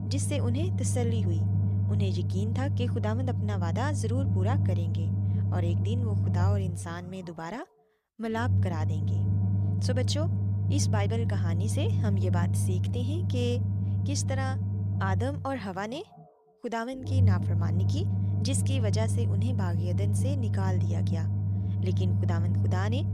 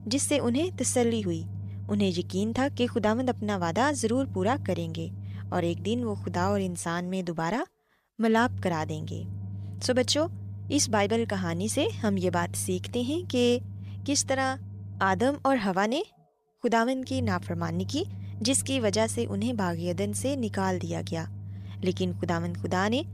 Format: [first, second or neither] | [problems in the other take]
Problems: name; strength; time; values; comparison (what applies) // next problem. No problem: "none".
second | low rumble; loud; throughout; 4 dB below the speech; faint in the second